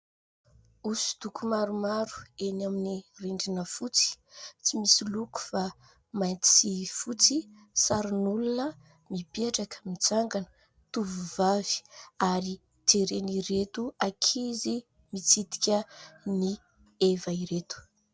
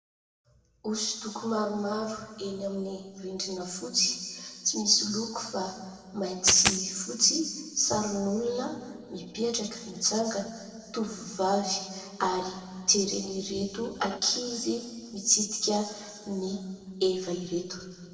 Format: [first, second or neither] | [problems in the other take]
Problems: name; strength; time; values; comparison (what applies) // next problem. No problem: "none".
first | background sound (Coin (dropping)); 3 dB above the speech // room echo; dies away in 2 s